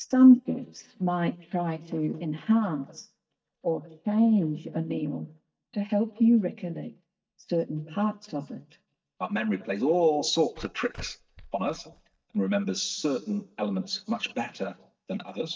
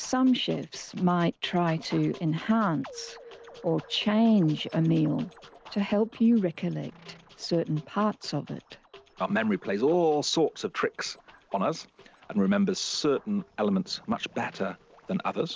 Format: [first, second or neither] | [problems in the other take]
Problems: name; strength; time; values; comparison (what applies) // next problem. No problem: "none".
second | noise reduction (neural mask model DeepFilterNet 3)